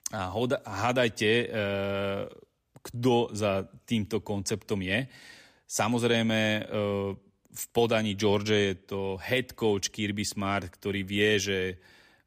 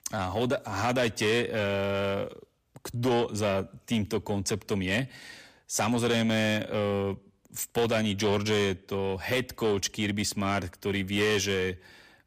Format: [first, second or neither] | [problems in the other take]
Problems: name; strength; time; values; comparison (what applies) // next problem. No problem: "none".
first | distortion; slight; 10 dB below the speech